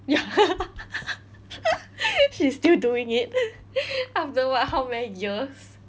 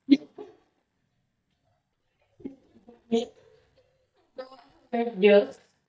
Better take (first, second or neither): first